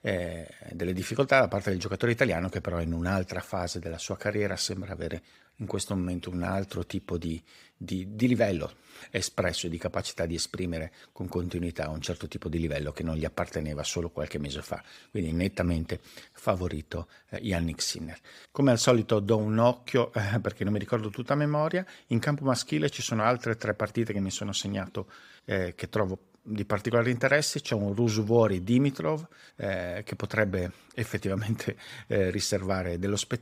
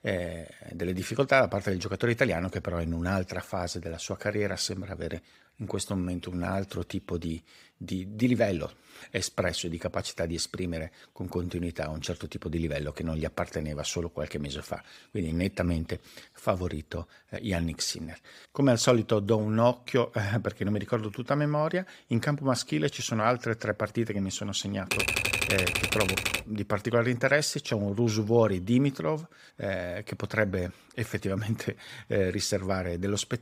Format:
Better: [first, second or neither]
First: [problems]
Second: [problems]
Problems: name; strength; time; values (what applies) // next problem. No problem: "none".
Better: first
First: none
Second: keyboard typing; loud; from 25 to 26 s; peak 4 dB above the speech